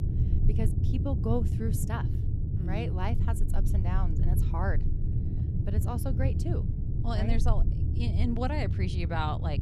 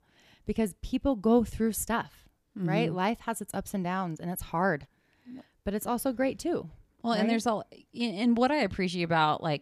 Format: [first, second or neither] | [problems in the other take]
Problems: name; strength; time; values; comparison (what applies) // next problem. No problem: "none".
second | low rumble; loud; throughout; 6 dB below the speech